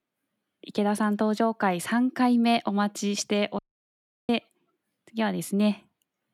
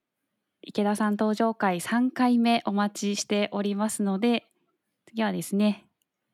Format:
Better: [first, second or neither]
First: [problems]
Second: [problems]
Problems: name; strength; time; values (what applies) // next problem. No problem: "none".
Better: second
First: audio cutting out; at 3.5 s for 0.5 s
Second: none